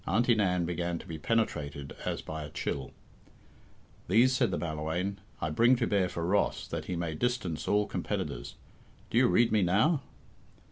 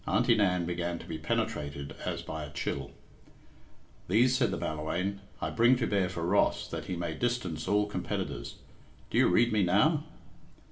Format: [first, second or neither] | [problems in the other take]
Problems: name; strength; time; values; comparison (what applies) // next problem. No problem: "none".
first | room echo; dies away in 0.5 s